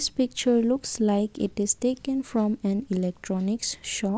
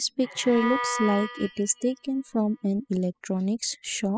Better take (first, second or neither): first